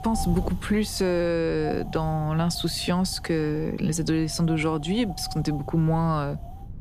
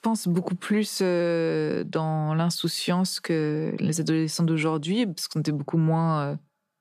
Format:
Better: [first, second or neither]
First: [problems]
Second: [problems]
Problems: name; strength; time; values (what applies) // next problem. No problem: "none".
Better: second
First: wind noise on the microphone; occasional gusts; 15 dB below the speech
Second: none